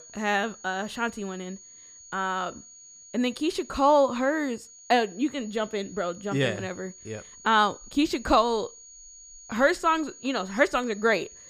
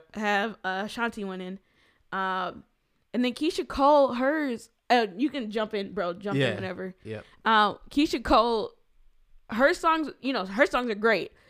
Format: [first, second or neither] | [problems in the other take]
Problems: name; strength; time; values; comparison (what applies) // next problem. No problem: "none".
second | high-pitched whine; noticeable; throughout; 6.5 kHz, 20 dB below the speech